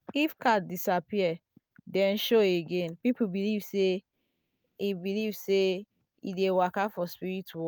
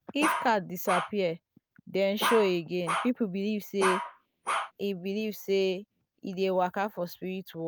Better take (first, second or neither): first